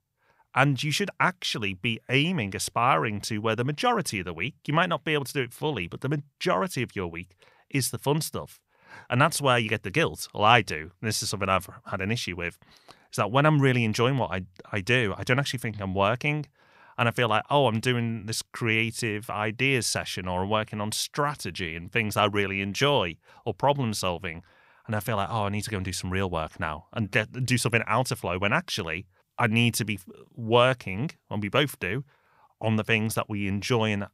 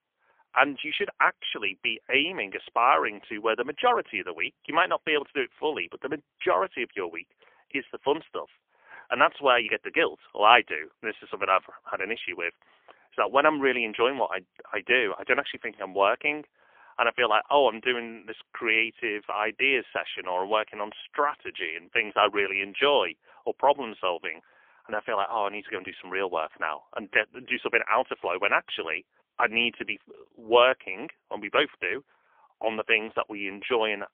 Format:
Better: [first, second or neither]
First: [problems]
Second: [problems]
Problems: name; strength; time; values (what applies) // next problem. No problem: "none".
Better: first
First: none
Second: phone-call audio; poor line; nothing above 3 kHz